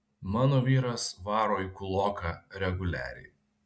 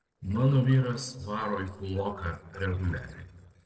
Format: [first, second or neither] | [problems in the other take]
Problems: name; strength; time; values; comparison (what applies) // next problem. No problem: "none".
first | noise reduction (neural separator model SepFormer DNS4)